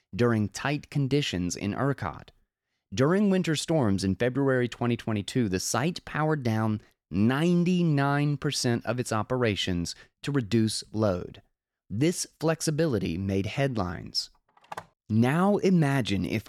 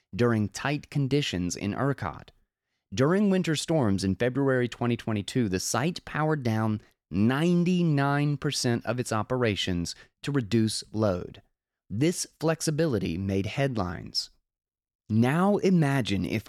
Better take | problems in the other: second | phone ringing; faint; at 15 s; peak 15 dB below the speech

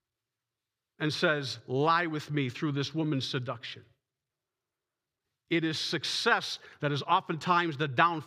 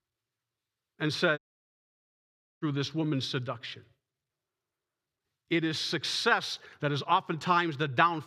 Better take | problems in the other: first | audio cutting out; at 1.5 s for 1 s

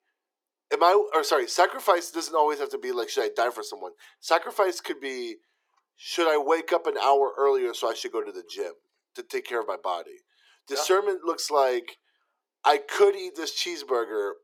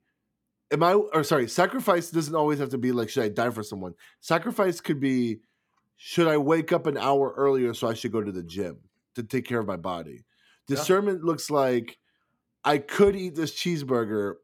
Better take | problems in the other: second | thin; very; fading below 350 Hz

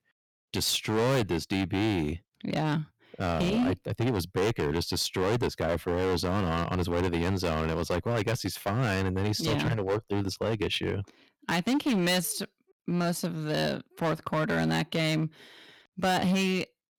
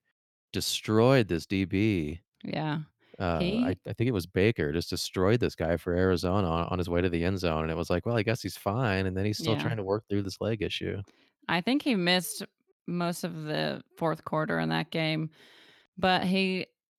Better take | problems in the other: second | distortion; heavy; 13% of the sound clipped

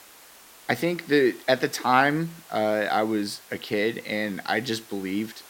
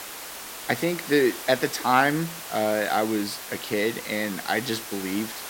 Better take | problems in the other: first | hiss; loud; throughout; 10 dB below the speech; faint in the first

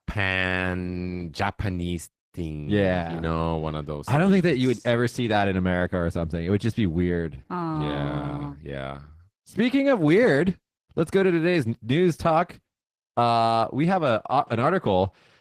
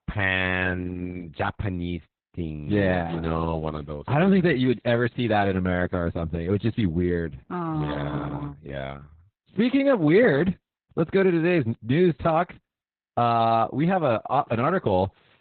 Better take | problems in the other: first | garbled, watery; badly; nothing above 4 kHz; slightly in the first

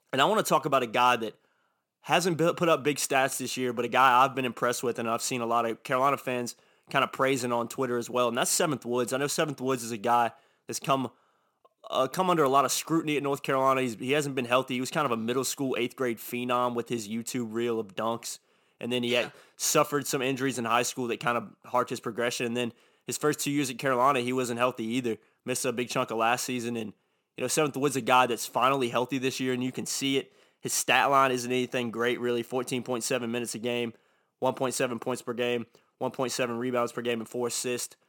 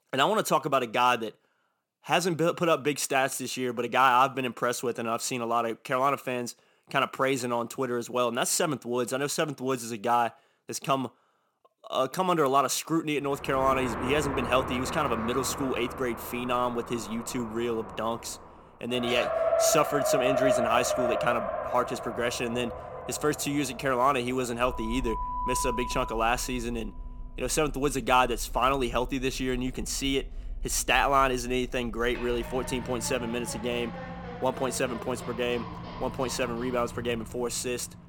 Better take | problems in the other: first | traffic noise; loud; from 14 s on; 7 dB below the speech

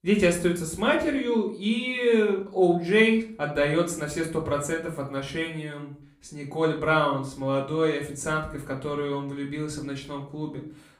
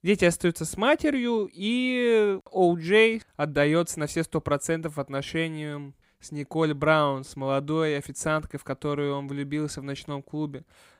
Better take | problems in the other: second | room echo; slight; dies away in 0.4 s // off-mic speech; far

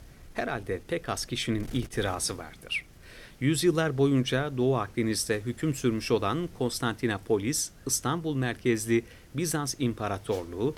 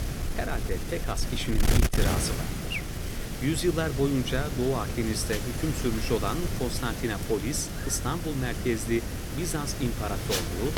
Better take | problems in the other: first | wind noise on the microphone; heavy; 4 dB below the speech; occasional gusts in the first

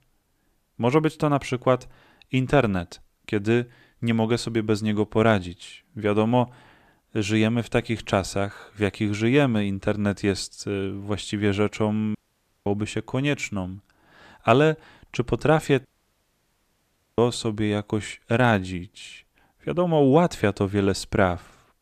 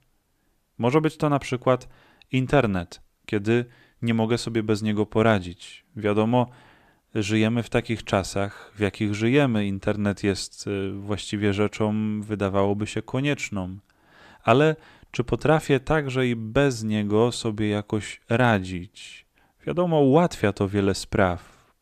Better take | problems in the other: second | audio cutting out; at 12 s for 0.5 s and at 16 s for 1.5 s

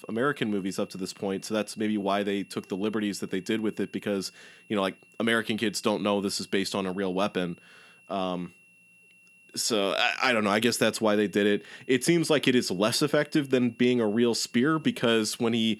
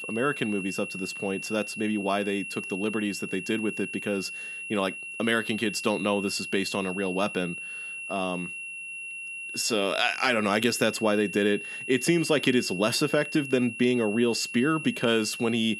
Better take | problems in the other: first | high-pitched whine; loud; throughout; 2.5 kHz, 8 dB below the speech; faint in the first

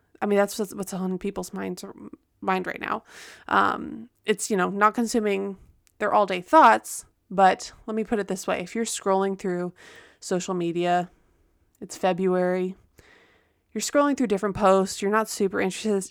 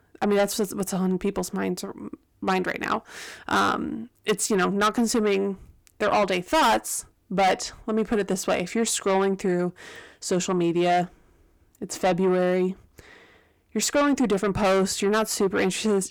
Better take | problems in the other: first | distortion; heavy; 6 dB below the speech

